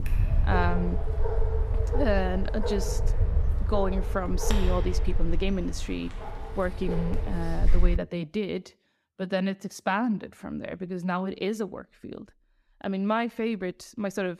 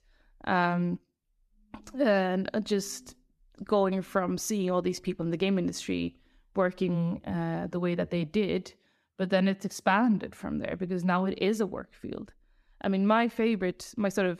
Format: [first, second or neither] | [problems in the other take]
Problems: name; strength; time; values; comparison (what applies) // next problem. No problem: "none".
second | dog barking; loud; until 8 s; peak 4 dB above the speech